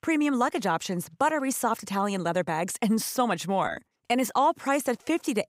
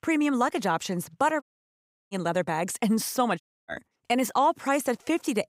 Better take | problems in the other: first | audio cutting out; at 1.5 s for 0.5 s and at 3.5 s

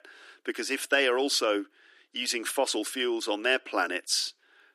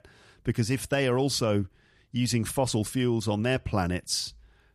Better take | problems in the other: second | thin; somewhat; fading below 300 Hz

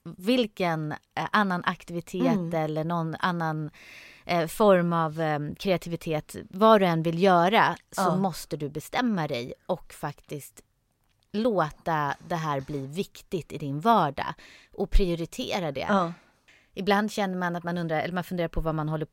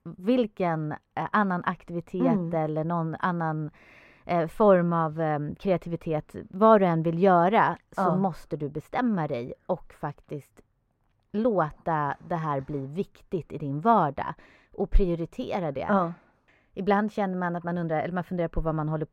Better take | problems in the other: first | muffled; very; fading above 2.5 kHz

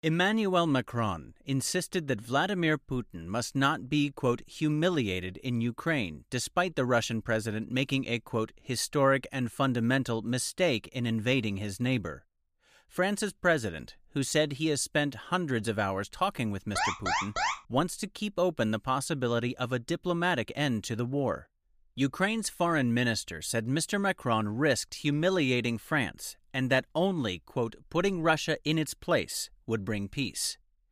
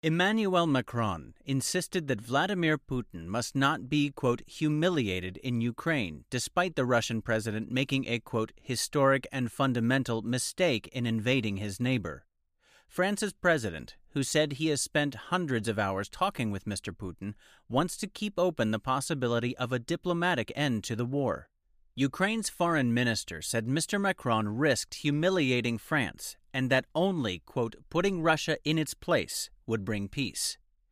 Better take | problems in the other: second | alarm; loud; at 17 s; peak 1 dB above the speech

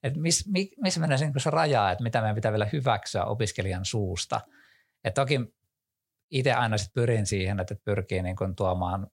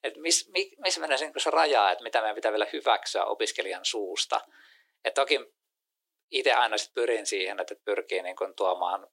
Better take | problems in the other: first | thin; very; fading below 300 Hz

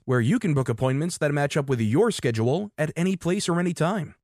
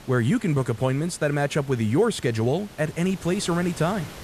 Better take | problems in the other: first | hiss; noticeable; throughout; 20 dB below the speech

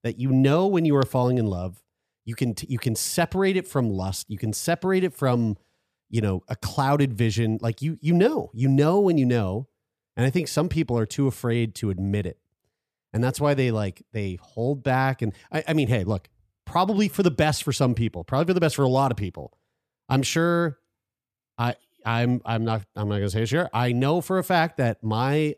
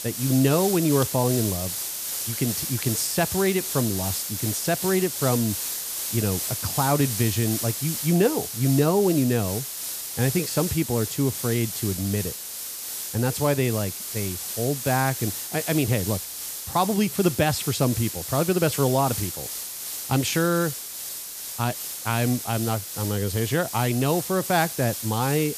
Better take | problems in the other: first | hiss; loud; throughout; 4 dB below the speech

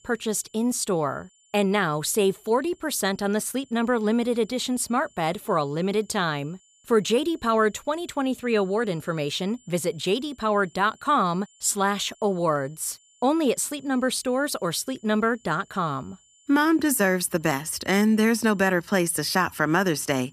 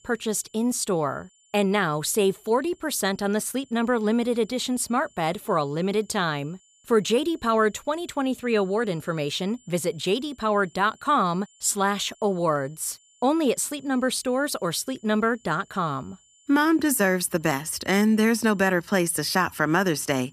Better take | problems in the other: neither | high-pitched whine; faint; throughout; 7 kHz, 30 dB below the speech; the same in both

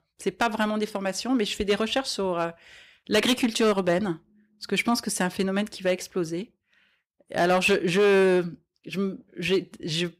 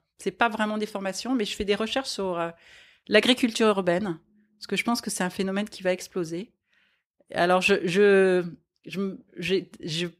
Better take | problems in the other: second | distortion; slight; 4% of the sound clipped

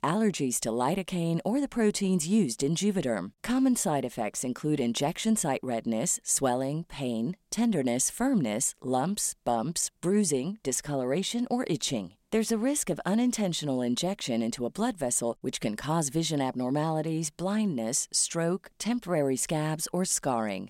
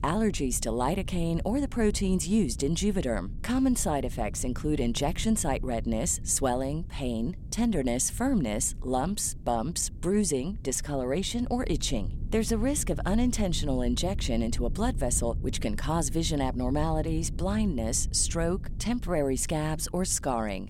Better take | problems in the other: first | low rumble; faint; throughout; 20 dB below the speech

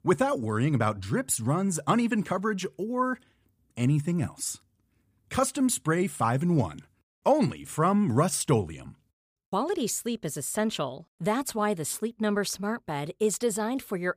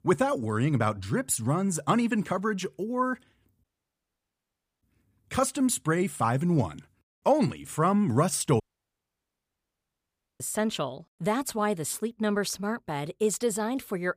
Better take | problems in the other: first | audio cutting out; at 3.5 s for 1 s and at 8.5 s for 2 s

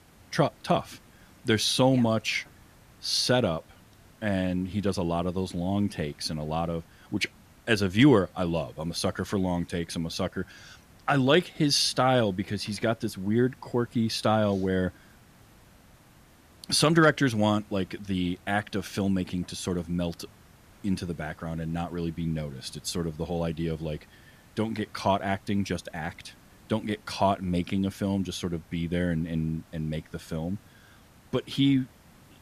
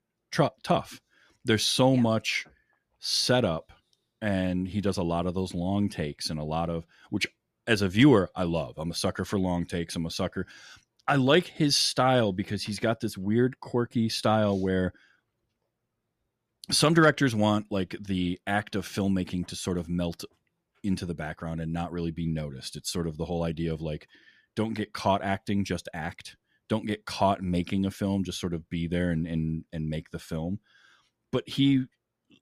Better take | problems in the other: second | hiss; faint; throughout; 25 dB below the speech

